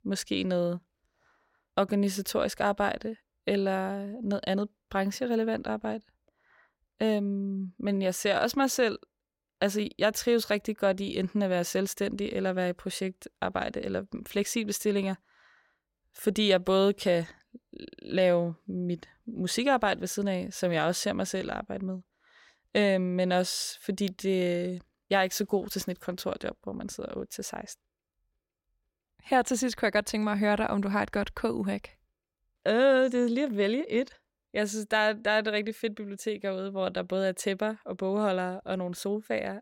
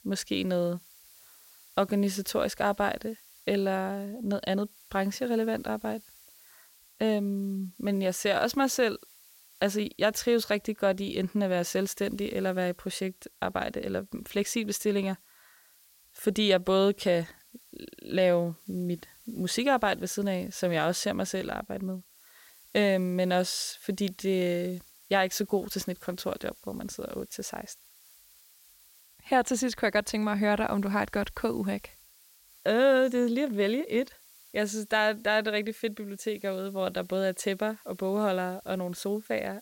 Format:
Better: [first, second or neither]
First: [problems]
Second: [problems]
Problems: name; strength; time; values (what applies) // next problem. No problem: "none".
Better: first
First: none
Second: hiss; faint; throughout; 25 dB below the speech